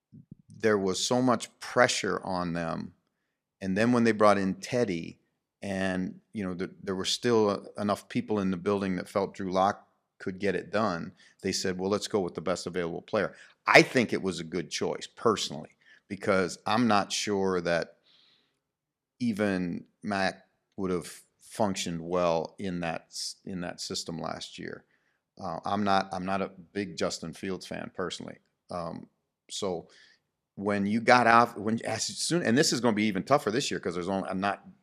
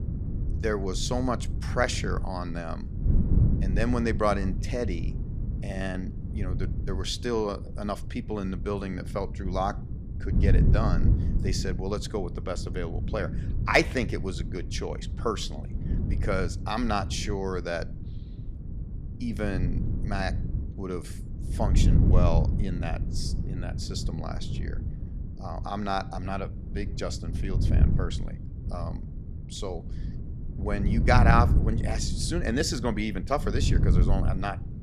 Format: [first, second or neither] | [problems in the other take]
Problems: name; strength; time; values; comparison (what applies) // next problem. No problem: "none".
first | wind noise on the microphone; occasional gusts; 10 dB below the speech